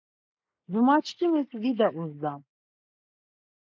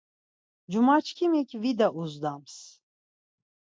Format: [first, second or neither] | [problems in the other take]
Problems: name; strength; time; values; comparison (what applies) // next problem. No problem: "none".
second | noise reduction (neural mask model Resemble Enhance denoiser)